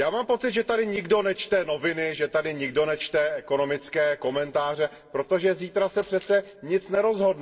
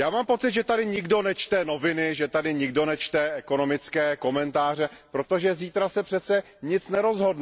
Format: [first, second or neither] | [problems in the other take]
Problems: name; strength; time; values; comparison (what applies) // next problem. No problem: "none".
second | noise reduction (neural separator model SepFormer DNS4)